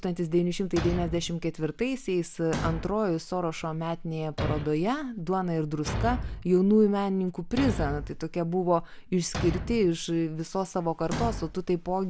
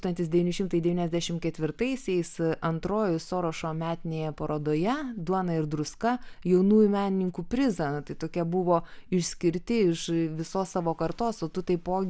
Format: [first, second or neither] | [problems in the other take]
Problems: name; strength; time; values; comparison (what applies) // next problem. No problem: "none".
second | background sound (Thump, thud); 9 dB below the speech